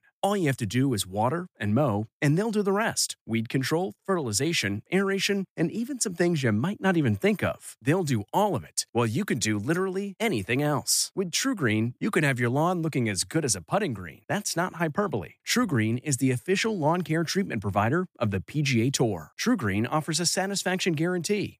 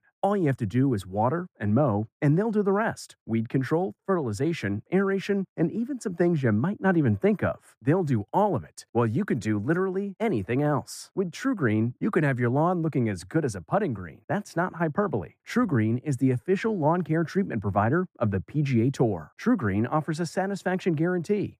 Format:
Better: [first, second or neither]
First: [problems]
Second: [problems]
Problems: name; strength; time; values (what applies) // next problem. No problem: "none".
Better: first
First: none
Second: muffled; very; fading above 2 kHz